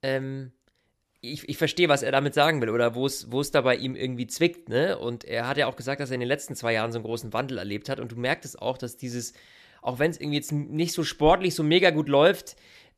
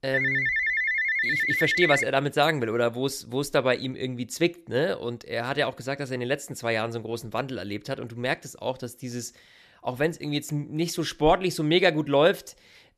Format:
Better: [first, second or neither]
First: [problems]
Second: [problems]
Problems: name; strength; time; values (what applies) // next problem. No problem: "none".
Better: first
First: none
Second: phone ringing; loud; until 2 s; peak 4 dB above the speech